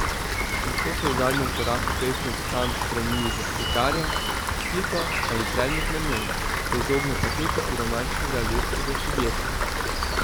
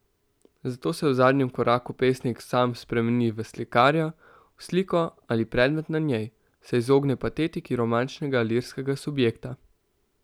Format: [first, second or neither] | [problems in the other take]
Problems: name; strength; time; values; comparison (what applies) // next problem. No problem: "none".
second | background sound (Rain); 4 dB above the speech